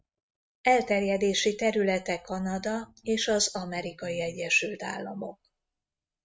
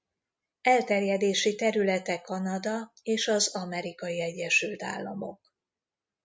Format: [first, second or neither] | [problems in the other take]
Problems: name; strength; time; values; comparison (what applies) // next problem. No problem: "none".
second | noise reduction (neural mask model RNNoise)